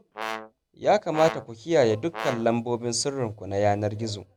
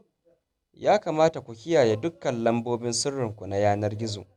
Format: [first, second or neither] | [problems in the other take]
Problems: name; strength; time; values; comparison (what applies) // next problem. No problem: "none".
second | background sound (Brass instrument); 11 dB below the speech